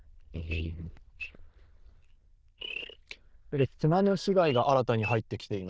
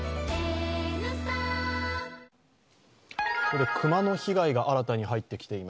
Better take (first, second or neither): second